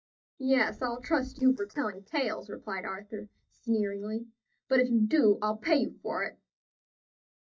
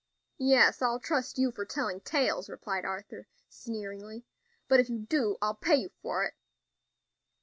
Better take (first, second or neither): second